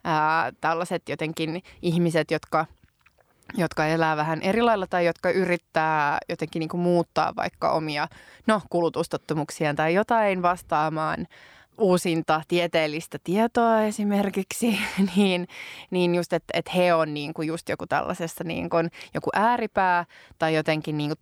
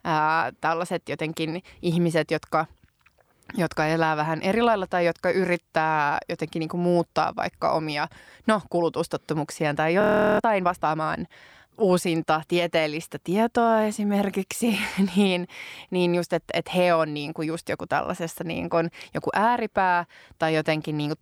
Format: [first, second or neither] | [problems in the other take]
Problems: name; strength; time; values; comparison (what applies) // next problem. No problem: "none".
first | audio freezing; at 10 s